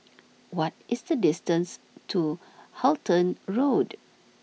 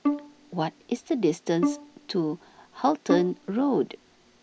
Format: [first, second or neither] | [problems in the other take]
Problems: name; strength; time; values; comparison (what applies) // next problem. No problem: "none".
first | background sound (Bowed string instrument); 5 dB below the speech